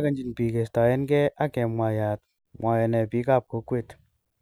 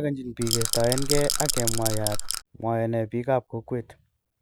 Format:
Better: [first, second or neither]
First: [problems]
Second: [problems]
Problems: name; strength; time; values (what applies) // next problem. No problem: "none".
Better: first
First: none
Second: background sound (Rattle / Rattle (instrument)); 1 dB above the speech